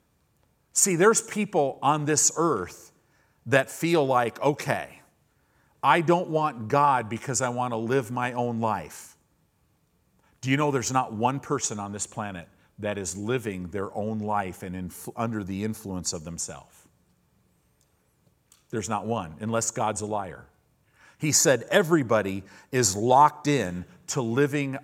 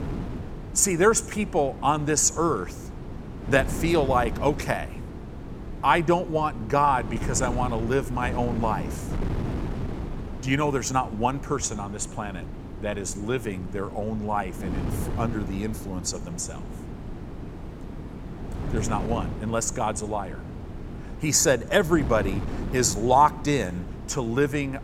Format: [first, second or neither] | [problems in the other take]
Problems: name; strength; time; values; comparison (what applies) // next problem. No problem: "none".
first | wind noise on the microphone; occasional gusts; 15 dB below the speech